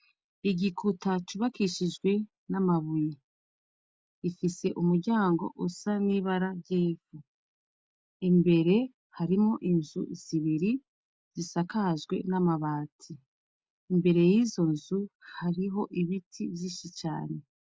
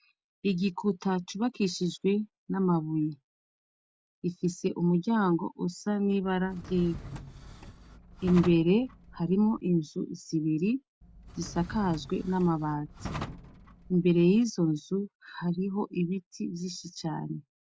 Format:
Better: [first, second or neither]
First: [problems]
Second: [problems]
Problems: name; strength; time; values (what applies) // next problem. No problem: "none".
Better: first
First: none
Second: background sound (Drawer open or close); 14 dB below the speech